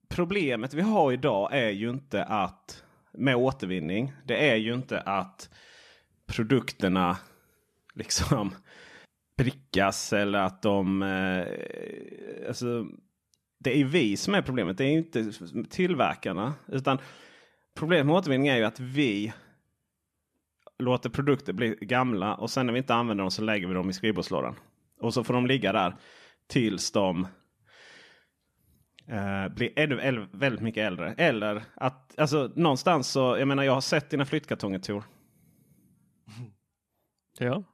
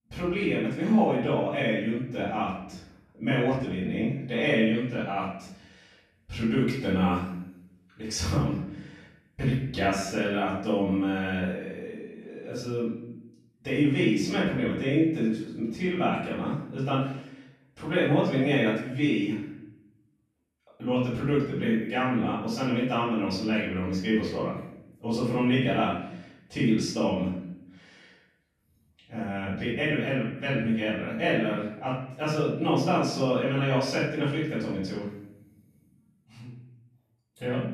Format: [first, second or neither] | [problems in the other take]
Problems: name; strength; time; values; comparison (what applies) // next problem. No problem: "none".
first | off-mic speech; far // room echo; noticeable; dies away in 0.8 s